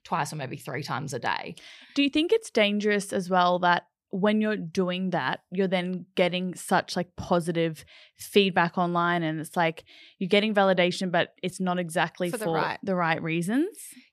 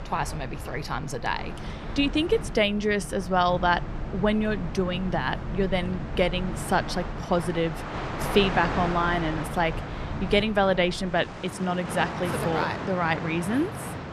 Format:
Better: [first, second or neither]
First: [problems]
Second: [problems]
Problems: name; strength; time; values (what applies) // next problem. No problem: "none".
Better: first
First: none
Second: train or aircraft noise; loud; throughout; 8 dB below the speech